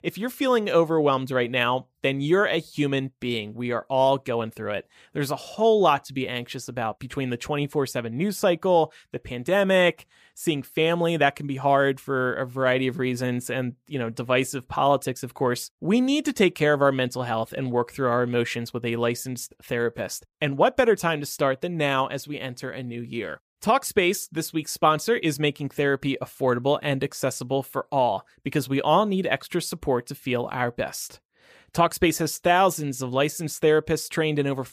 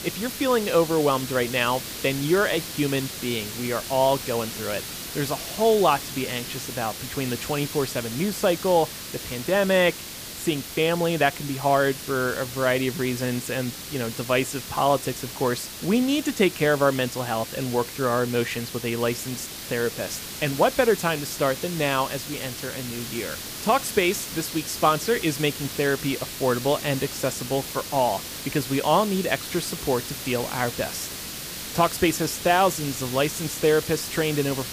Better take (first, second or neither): first